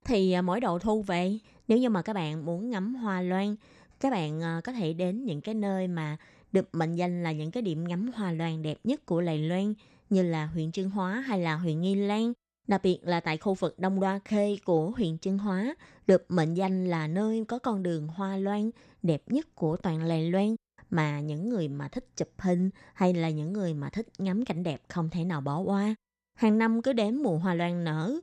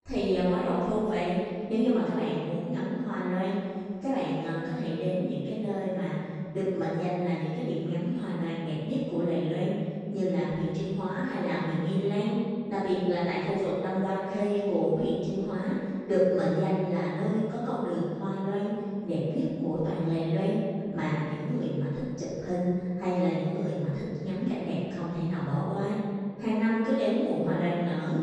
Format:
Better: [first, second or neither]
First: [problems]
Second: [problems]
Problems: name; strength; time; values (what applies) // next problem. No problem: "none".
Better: first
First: none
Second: off-mic speech; far // room echo; strong; dies away in 2 s